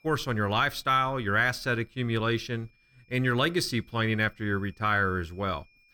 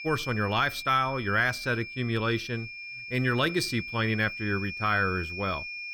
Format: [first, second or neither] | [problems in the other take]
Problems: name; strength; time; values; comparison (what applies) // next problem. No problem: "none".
first | high-pitched whine; loud; throughout; 2.5 kHz, 9 dB below the speech; faint in the first